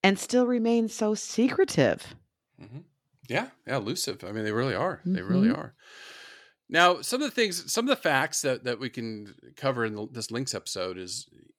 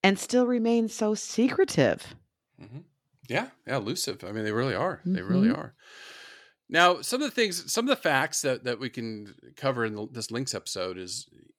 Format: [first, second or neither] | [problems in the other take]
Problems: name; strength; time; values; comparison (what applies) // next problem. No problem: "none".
neither | none